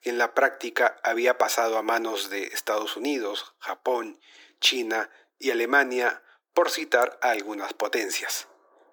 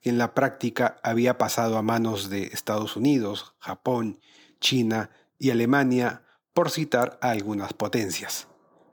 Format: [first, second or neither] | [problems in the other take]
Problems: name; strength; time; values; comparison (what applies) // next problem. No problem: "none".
second | thin; very; fading below 350 Hz